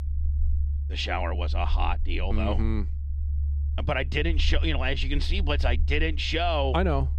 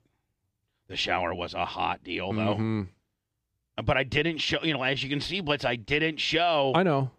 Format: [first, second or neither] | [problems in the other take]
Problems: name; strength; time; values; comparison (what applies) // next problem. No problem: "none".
second | low rumble; noticeable; throughout; 20 dB below the speech